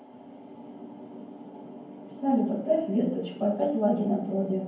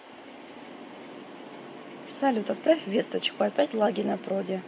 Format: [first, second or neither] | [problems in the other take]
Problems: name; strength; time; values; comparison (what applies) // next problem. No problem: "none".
second | room echo; dies away in 0.9 s